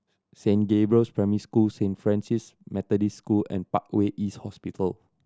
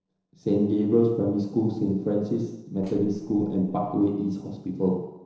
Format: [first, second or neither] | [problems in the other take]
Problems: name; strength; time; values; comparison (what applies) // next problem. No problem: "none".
first | noise reduction (neural separator model SepFormer DNS4)